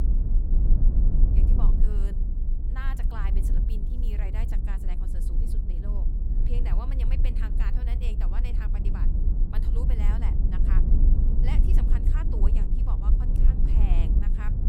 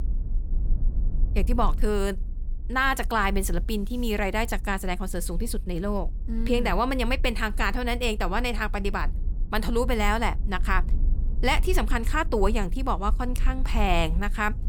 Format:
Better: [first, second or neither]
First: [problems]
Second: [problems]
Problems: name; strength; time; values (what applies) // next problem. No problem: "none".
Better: second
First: low rumble; loud; throughout; as loud as the speech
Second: low rumble; faint; throughout; 25 dB below the speech